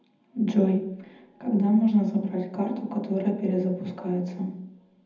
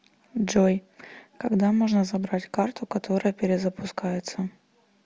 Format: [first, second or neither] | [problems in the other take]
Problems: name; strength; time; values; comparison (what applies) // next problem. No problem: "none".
second | room echo; dies away in 0.8 s